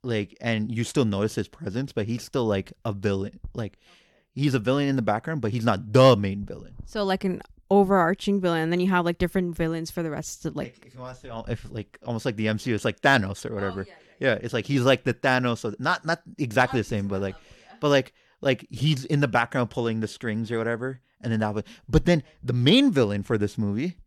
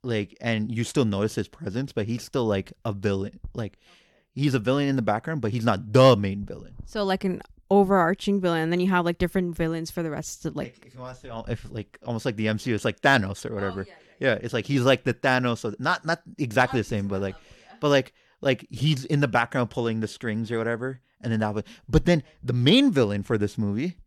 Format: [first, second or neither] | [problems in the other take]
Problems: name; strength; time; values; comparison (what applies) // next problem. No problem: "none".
neither | none